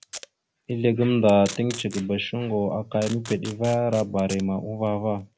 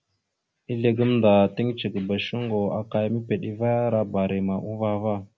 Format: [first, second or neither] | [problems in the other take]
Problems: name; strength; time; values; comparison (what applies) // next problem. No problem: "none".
second | background sound (Packing tape, duct tape); 19 dB below the speech